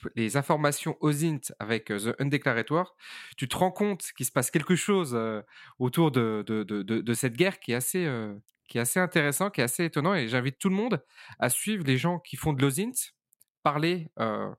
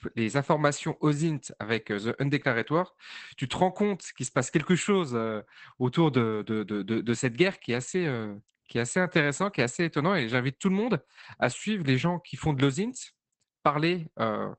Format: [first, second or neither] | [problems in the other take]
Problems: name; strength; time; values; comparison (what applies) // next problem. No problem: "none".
first | garbled, watery; badly; nothing above 8 kHz